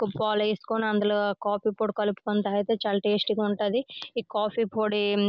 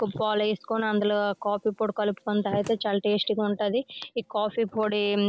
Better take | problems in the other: first | background sound (Slam); 20 dB below the speech

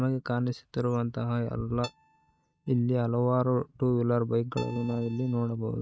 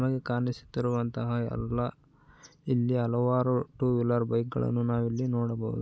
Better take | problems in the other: second | noise reduction (neural mask model RNNoise)

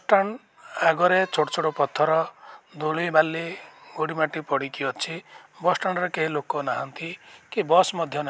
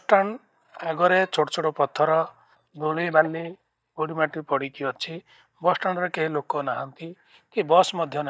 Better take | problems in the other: first | noise reduction (neural mask model DeepFilterNet 3)

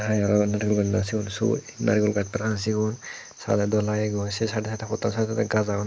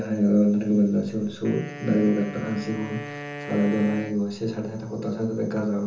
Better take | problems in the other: first | background sound (Wind instrument, woodwind instrument); 15 dB below the speech // room echo; dies away in 0.6 s

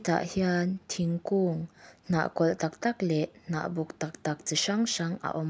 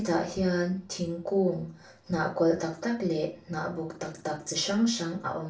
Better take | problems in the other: first | room echo; dies away in 0.3 s

